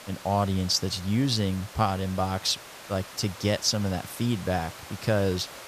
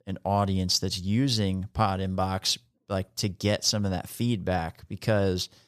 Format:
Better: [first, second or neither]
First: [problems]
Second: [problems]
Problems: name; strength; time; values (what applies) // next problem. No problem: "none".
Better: second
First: hiss; noticeable; throughout; 15 dB below the speech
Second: none